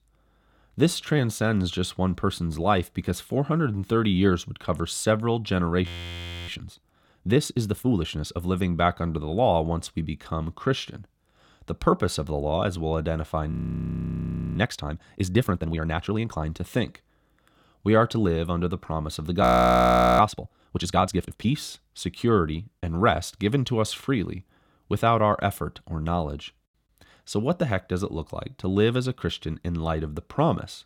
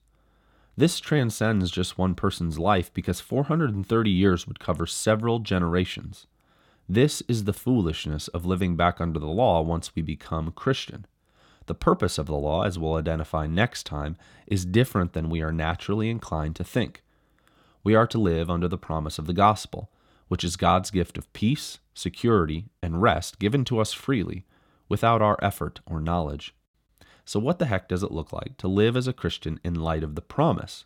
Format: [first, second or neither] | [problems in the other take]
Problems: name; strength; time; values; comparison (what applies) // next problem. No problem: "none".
second | audio freezing; at 6 s for 0.5 s, at 14 s for 1 s and at 19 s for 1 s